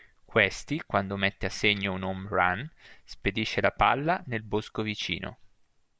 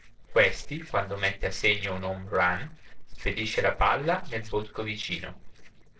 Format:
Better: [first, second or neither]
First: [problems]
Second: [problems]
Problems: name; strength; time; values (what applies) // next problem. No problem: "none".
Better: first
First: none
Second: noise reduction (neural separator model SepFormer DNS4)